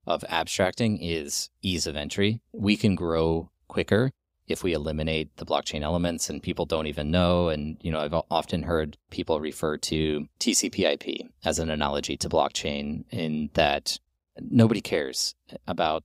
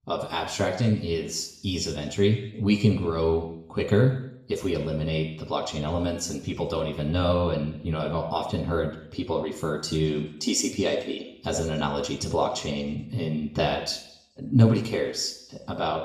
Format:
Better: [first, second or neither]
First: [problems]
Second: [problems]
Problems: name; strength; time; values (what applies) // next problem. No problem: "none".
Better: first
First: none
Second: room echo; noticeable; dies away in 0.7 s // off-mic speech; far